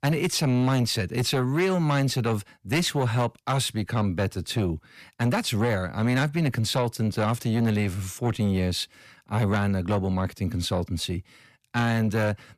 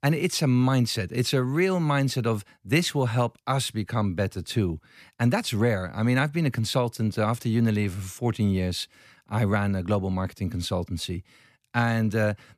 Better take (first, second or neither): second